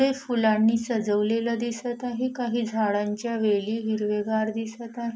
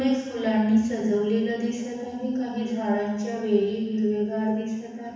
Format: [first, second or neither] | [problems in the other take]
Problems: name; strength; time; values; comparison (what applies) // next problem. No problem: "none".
first | room echo; dies away in 1.1 s